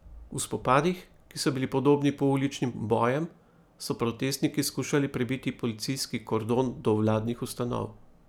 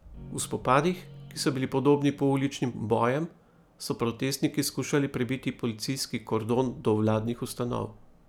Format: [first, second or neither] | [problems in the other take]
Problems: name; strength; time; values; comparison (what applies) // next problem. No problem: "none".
first | background sound (Guitar); 19 dB below the speech